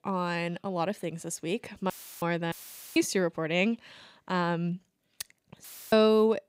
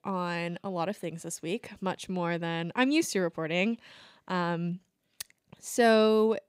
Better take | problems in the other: second | audio cutting out; filled with static; at 2 s, at 2.5 s and at 5.5 s

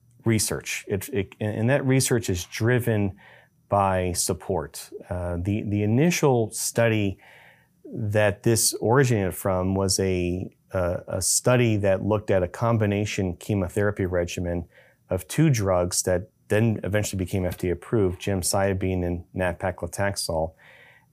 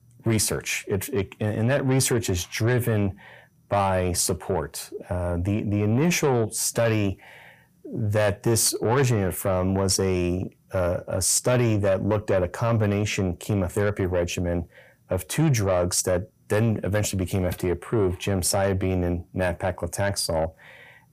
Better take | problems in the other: first | distortion; slight; 10 dB below the speech

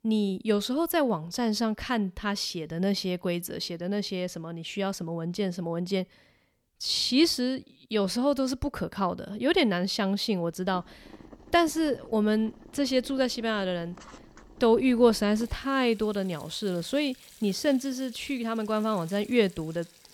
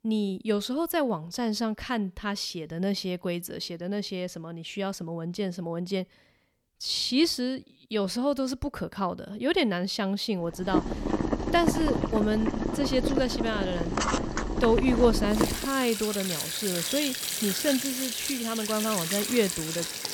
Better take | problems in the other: first | household noises; loud; from 11 s on; 1 dB below the speech; faint in the first

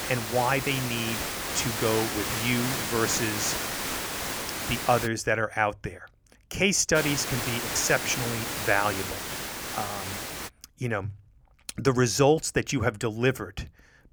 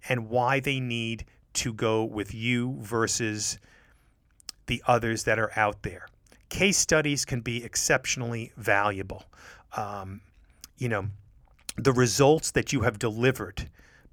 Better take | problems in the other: second | hiss; loud; until 5 s and from 7 to 10 s; 4 dB below the speech

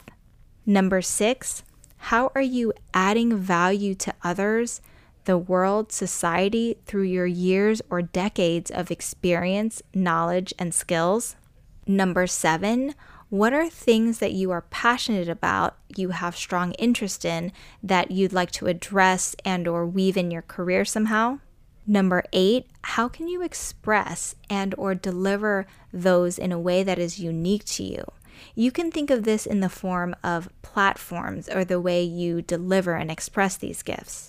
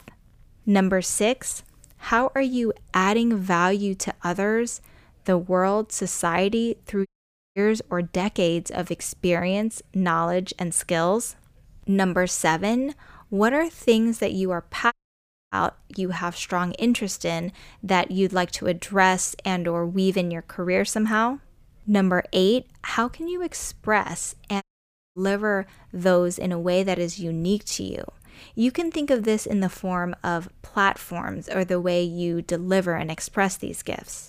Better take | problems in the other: first | audio cutting out; at 7 s for 0.5 s, at 15 s for 0.5 s and at 25 s for 0.5 s

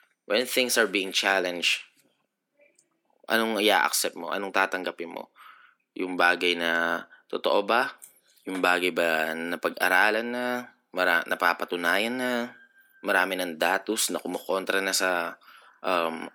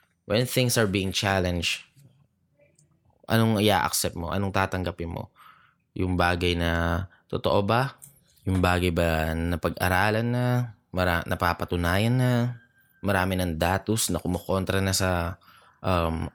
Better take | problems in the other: second | thin; somewhat; fading below 250 Hz

